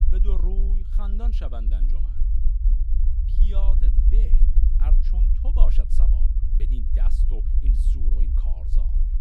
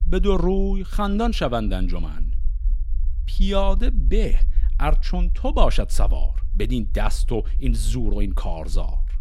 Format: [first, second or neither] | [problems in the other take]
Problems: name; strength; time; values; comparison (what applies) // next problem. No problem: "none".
second | low rumble; loud; throughout; 2 dB below the speech; faint in the second